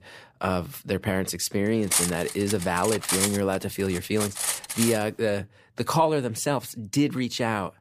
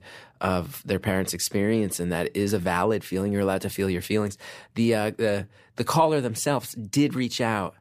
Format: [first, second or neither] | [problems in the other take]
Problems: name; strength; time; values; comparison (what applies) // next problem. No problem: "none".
second | clattering dishes; loud; from 2 to 5 s; peak 3 dB above the speech